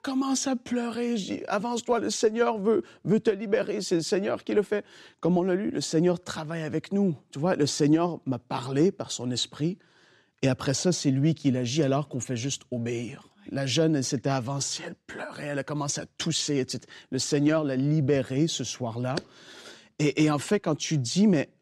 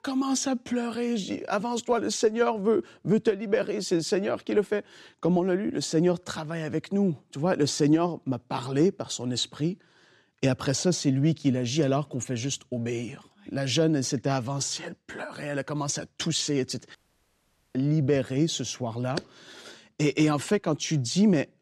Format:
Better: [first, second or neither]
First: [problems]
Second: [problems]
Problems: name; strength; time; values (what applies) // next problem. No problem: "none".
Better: first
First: none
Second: audio cutting out; at 17 s for 1 s